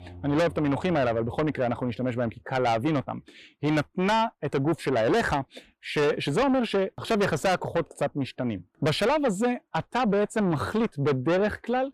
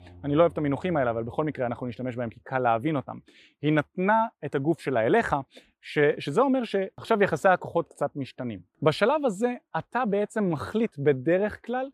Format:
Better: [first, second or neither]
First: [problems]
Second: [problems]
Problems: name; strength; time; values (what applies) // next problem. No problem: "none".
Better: second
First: distortion; heavy; 7 dB below the speech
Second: none